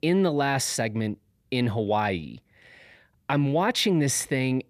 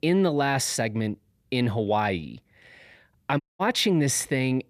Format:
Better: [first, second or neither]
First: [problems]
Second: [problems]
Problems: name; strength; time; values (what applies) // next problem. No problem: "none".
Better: first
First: none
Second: audio cutting out; at 3.5 s